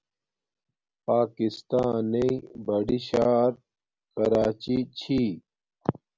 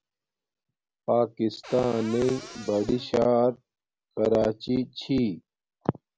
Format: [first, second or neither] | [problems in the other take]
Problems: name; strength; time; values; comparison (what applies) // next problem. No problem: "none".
first | background sound (Cupboard open or close); 16 dB below the speech